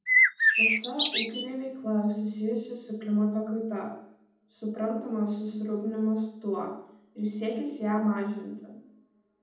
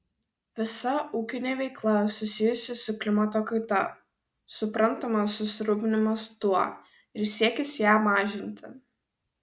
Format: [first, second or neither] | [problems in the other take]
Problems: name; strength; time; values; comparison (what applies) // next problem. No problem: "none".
second | background sound (Bird); 5 dB above the speech // room echo; dies away in 0.8 s